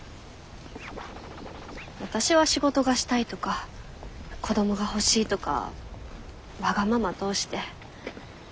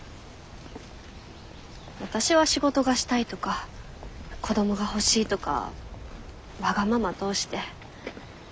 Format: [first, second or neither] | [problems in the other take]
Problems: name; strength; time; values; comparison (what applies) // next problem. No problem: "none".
second | background sound (Scratching (performance technique)); 14 dB below the speech